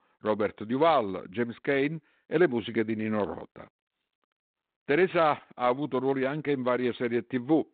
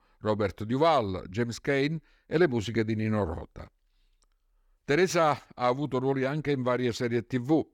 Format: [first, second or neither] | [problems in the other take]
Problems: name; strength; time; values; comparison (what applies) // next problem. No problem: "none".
second | phone-call audio; nothing above 4 kHz